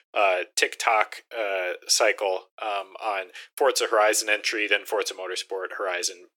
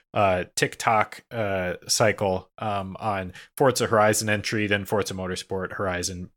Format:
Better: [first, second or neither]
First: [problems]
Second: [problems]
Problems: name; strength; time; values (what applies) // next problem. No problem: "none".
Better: second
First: thin; very; fading below 350 Hz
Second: none